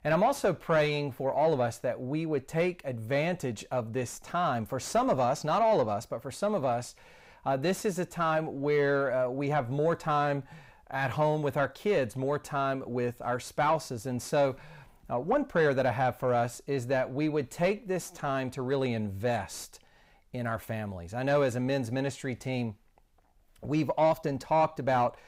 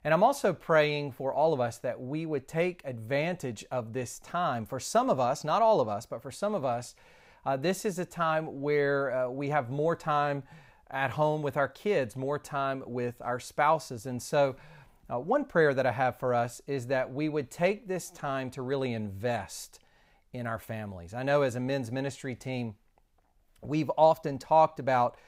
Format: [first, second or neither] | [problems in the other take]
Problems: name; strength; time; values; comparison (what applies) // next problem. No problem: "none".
second | distortion; slight; 10 dB below the speech